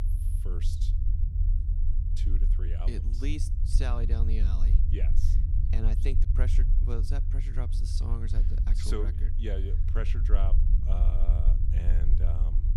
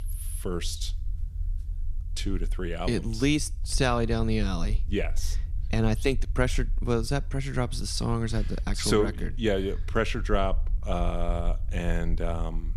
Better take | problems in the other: second | low rumble; loud; throughout; 4 dB below the speech; faint in the second

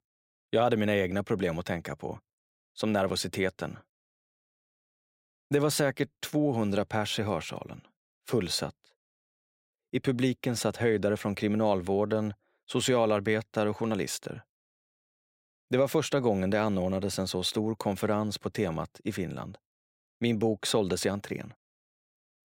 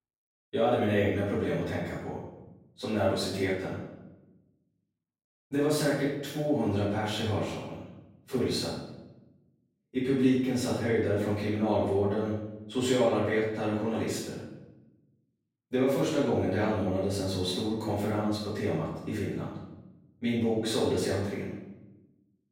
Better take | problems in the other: first | off-mic speech; far // room echo; strong; dies away in 0.8 s

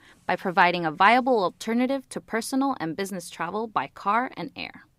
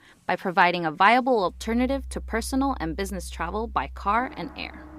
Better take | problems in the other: first | background music; noticeable; from 1.5 s on; 15 dB below the speech

